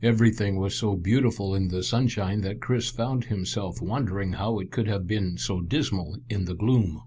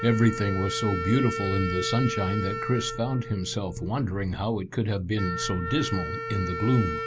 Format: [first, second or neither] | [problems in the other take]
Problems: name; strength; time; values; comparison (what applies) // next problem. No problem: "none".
first | background sound (Wind instrument, woodwind instrument); 7 dB below the speech